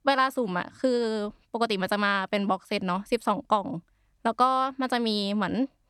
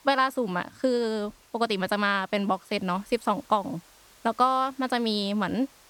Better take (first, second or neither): first